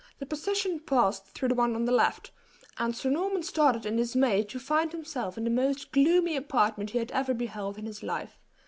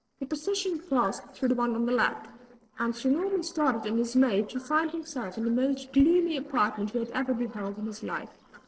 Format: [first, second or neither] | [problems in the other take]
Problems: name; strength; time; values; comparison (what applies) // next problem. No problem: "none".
first | noise reduction (neural separator model SepFormer DNS4)